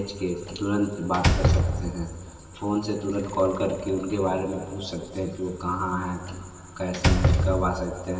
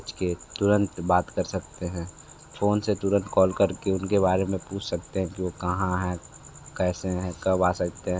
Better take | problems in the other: second | background sound (Slam); as loud as the speech // room echo; dies away in 2.3 s

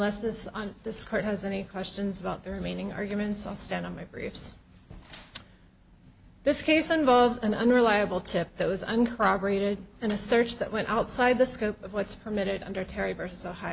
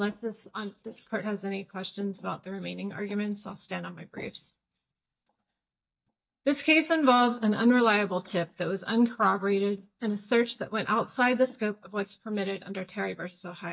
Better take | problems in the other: first | noise reduction (neural mask model DeepFilterNet 3)

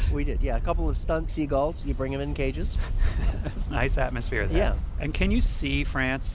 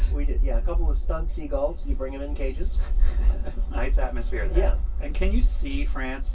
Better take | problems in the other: first | room echo; dies away in 0.1 s

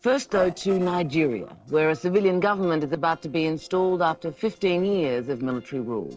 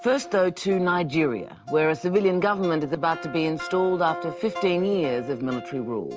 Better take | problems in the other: second | noise reduction (neural separator model SepFormer DNS4)

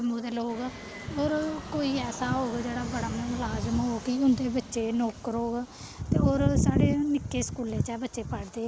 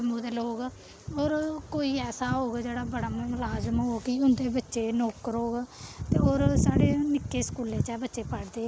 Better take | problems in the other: second | background sound (Fixed-wing aircraft, airplane); 16 dB below the speech

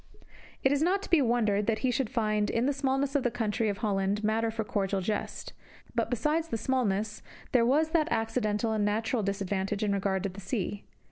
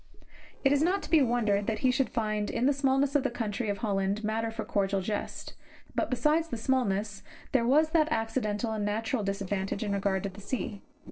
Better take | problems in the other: first | noise reduction (neural separator model SepFormer DNS4)

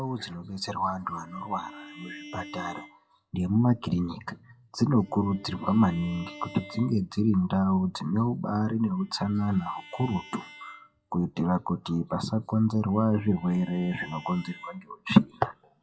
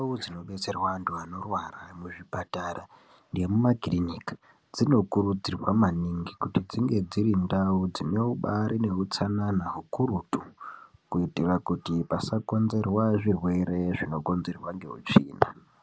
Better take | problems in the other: second | noise reduction (classical method WPE with log-MMSE)

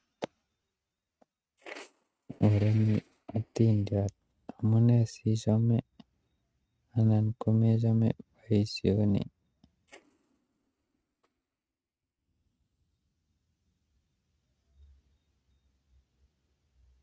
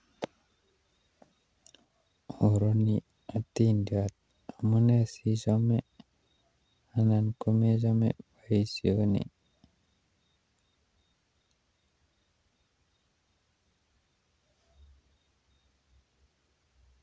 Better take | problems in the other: second | noise reduction (neural mask model RNNoise)

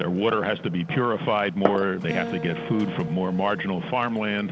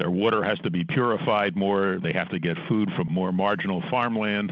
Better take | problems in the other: second | background sound (Acoustic guitar + Glass); 9 dB below the speech

